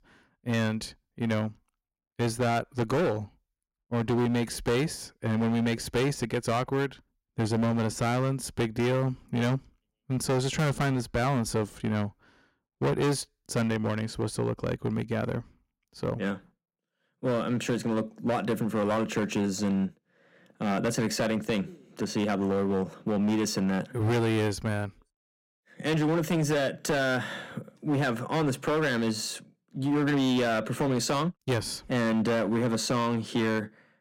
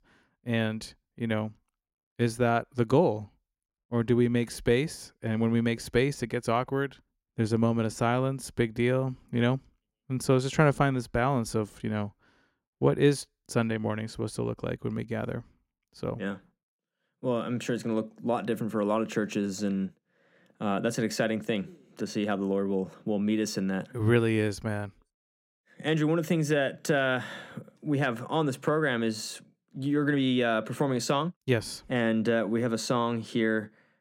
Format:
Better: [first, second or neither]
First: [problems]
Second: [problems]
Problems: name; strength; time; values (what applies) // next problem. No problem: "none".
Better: second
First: distortion; heavy; 14% of the sound clipped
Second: none